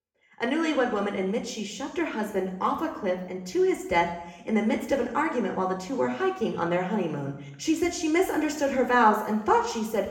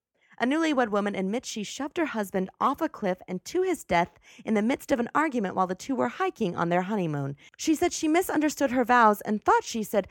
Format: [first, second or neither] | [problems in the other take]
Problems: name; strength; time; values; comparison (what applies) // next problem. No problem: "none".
second | room echo; slight; dies away in 0.8 s // off-mic speech; somewhat distant